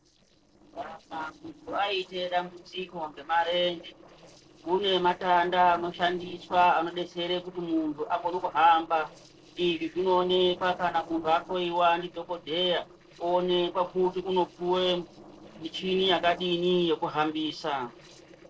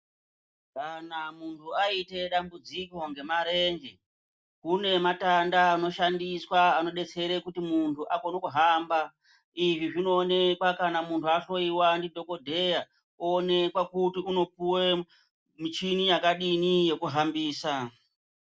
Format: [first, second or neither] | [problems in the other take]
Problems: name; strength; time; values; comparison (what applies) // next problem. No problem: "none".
second | noise reduction (neural separator model SepFormer DNS4)